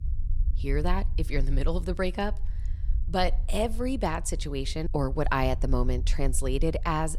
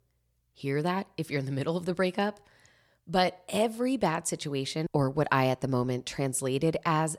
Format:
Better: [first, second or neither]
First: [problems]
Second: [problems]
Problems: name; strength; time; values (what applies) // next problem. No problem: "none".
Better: second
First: low rumble; faint; throughout; 25 dB below the speech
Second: none